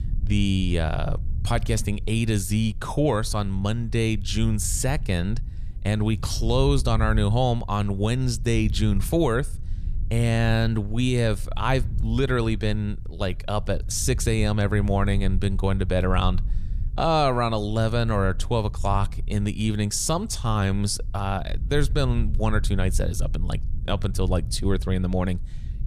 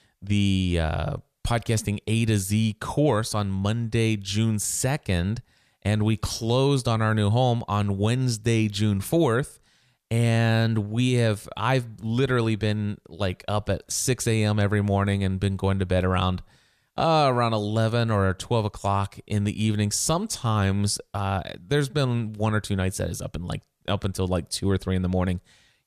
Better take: second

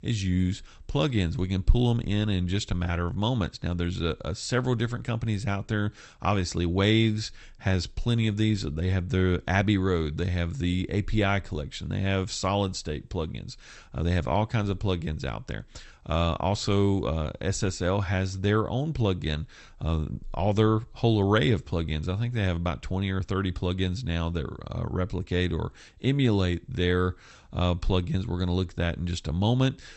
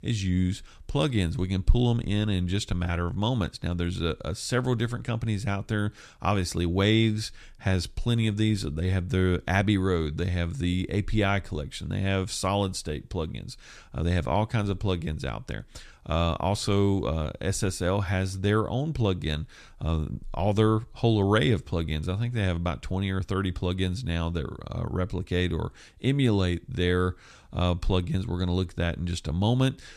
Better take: second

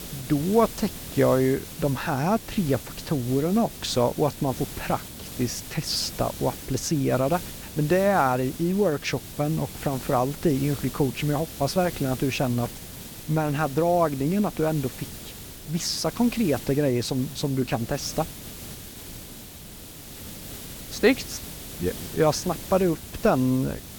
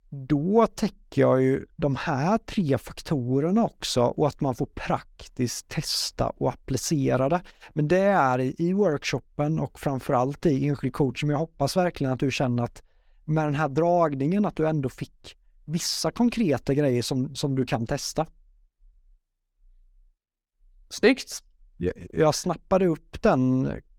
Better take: second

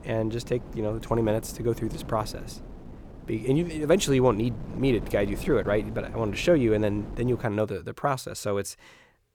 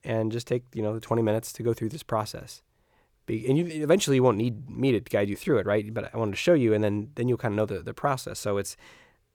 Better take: second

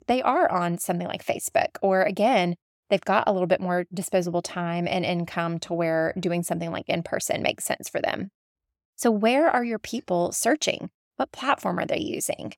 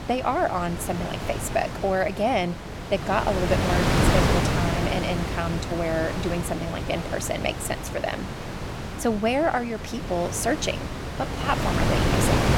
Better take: first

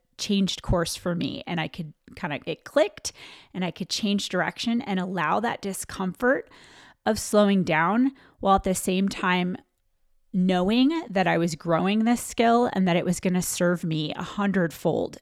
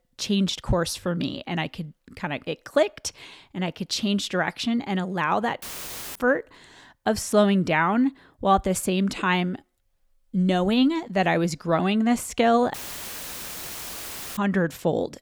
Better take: first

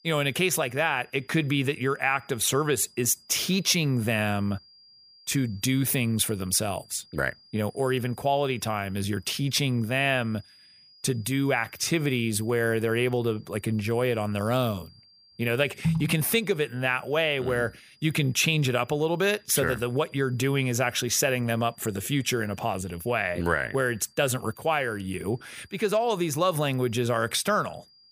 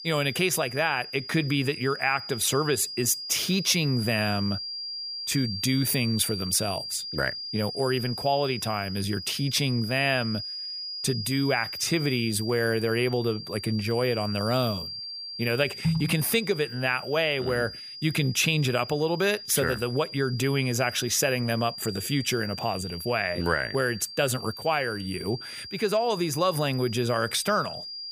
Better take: first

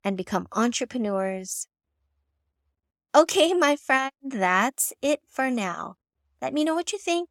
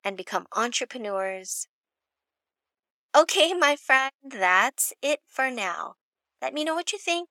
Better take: first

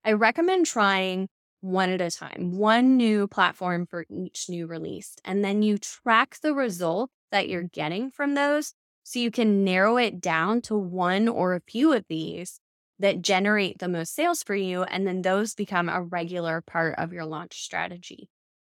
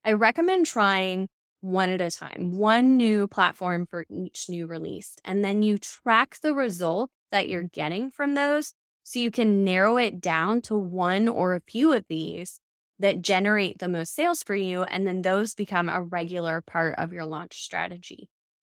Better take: first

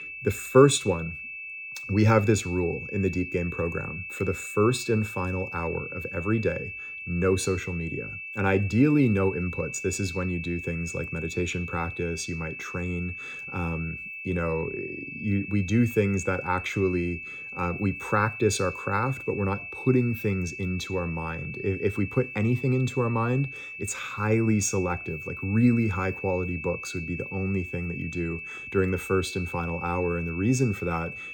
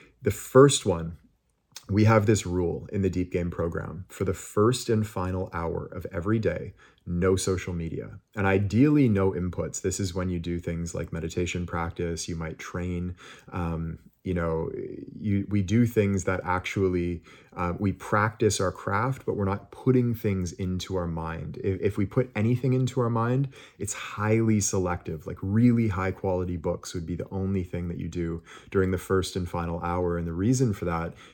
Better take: second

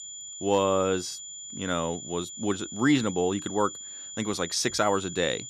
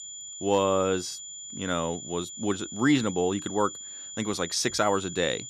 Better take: neither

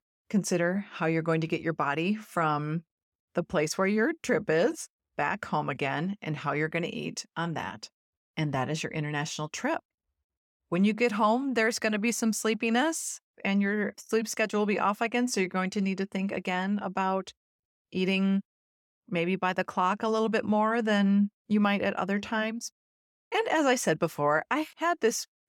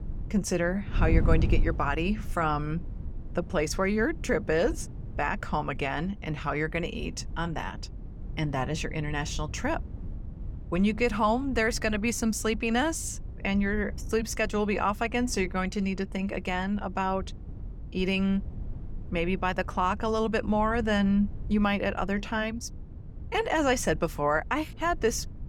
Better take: first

